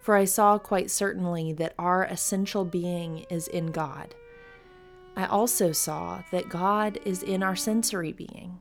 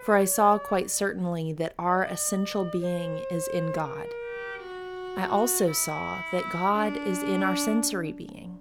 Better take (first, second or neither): first